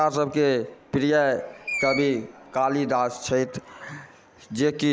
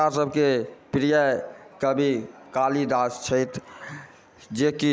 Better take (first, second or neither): second